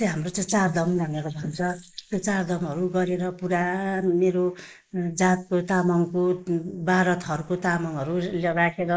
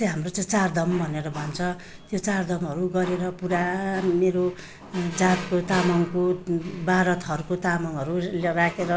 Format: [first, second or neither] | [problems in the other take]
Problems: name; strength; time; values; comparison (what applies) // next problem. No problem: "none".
second | noise reduction (neural mask model Resemble Enhance denoiser)